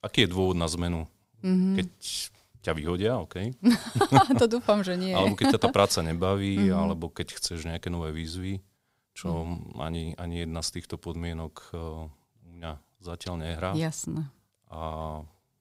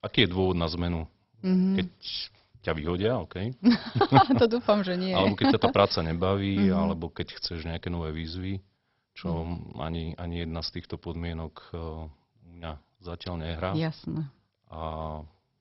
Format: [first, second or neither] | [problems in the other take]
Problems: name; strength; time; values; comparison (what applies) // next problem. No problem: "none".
first | garbled, watery; badly; nothing above 5.5 kHz